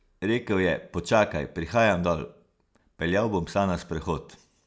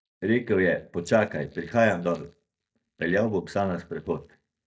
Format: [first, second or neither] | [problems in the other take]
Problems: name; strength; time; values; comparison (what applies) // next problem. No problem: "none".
first | noise reduction (neural mask model DeepFilterNet 3)